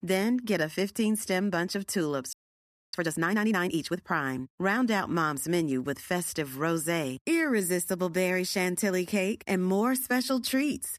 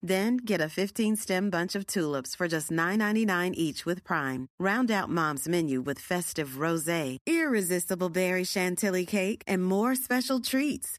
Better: second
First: audio freezing; at 2.5 s for 0.5 s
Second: none

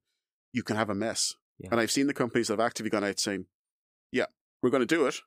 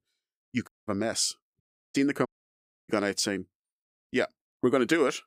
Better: first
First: none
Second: audio cutting out; at 0.5 s, at 1.5 s and at 2.5 s for 0.5 s

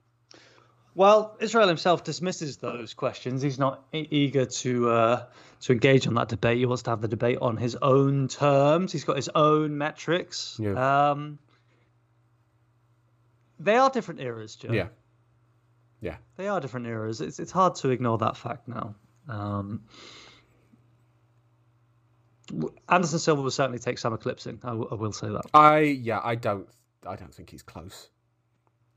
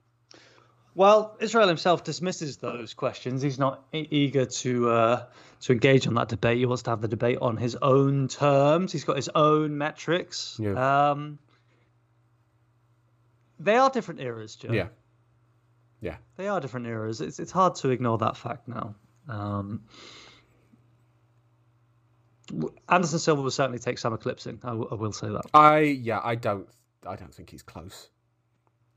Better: neither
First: none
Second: none

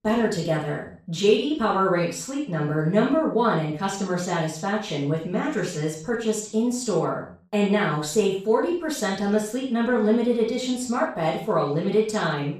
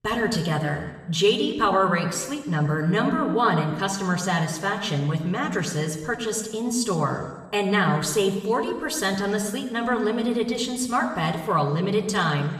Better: second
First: room echo; strong; dies away in 0.4 s // off-mic speech; far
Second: room echo; slight; dies away in 1.1 s // off-mic speech; somewhat distant

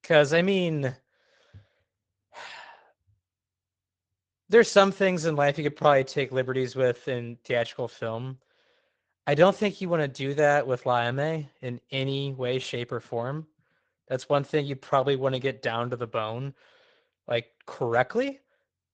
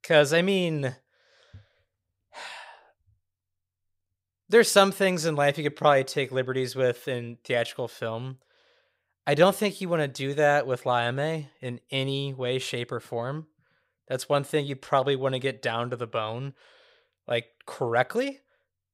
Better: second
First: garbled, watery; slightly; nothing above 8 kHz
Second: none

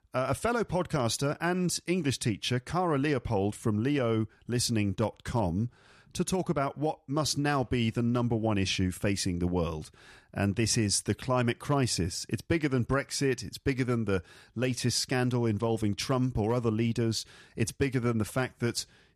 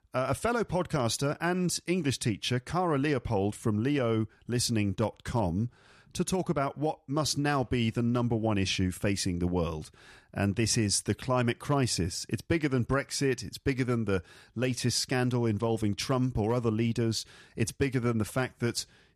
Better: neither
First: none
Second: none

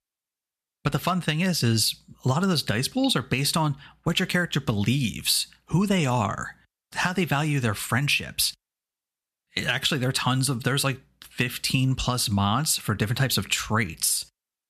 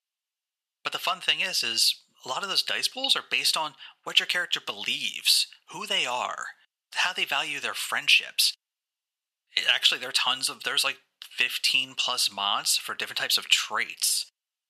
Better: first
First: none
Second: thin; very; fading below 700 Hz

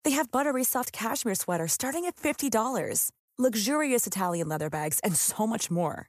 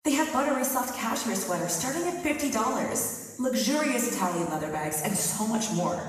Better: first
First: none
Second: room echo; noticeable; dies away in 1.3 s // off-mic speech; far

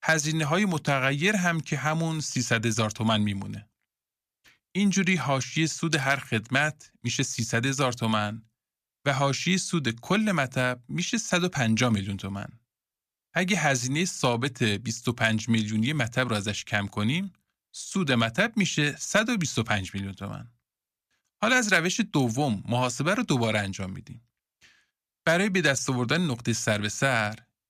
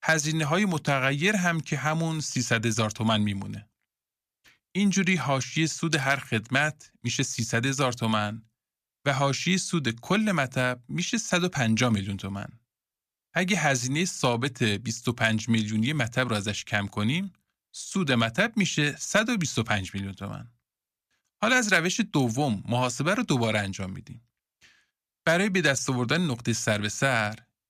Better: neither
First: none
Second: none

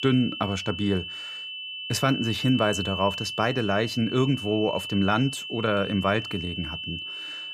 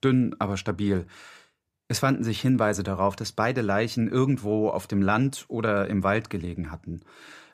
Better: second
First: high-pitched whine; loud; throughout; 3 kHz, 6 dB below the speech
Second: none

